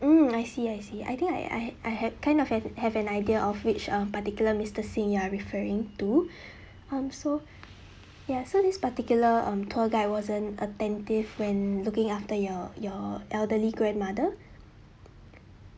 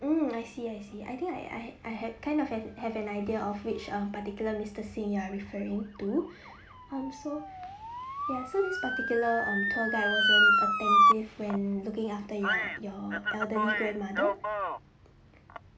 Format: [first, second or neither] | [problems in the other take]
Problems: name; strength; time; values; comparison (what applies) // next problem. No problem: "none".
first | background sound (Motor vehicle (road) / Siren); 2 dB above the speech // room echo; dies away in 0.4 s